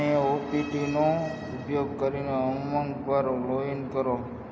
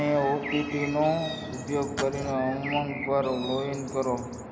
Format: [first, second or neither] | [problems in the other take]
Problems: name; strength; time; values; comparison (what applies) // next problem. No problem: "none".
first | background sound (Glass + Bird); 12 dB below the speech